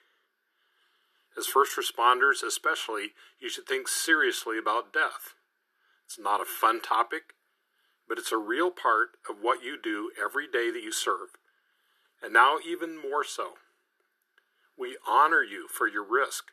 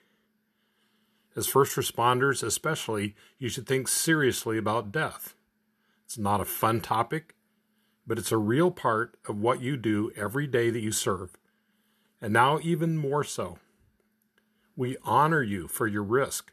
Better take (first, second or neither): second